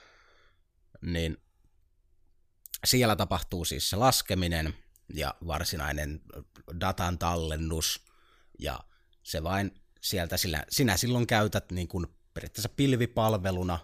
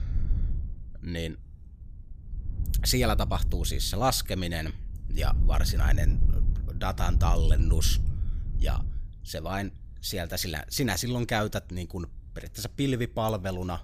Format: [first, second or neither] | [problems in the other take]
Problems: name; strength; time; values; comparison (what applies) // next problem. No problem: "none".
first | wind noise on the microphone; occasional gusts; 15 dB below the speech